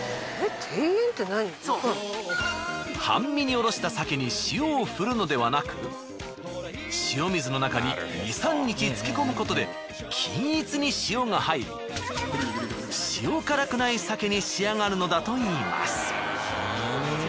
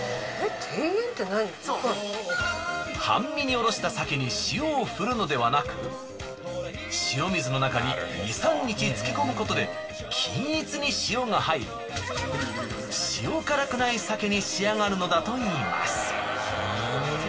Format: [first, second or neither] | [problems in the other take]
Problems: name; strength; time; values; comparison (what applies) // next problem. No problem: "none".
first | background sound (Piano); 17 dB below the speech // room echo; dies away in 3 s